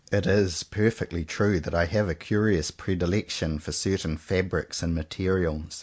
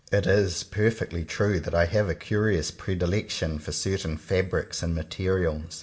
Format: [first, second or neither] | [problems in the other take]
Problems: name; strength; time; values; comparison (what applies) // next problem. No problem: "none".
first | room echo; dies away in 0.6 s